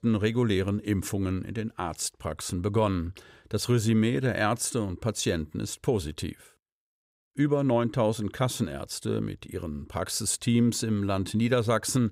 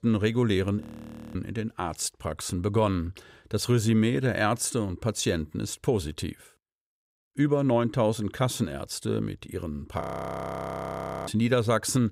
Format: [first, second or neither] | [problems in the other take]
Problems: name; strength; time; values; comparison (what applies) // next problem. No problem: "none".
first | audio freezing; at 1 s for 0.5 s and at 10 s for 1.5 s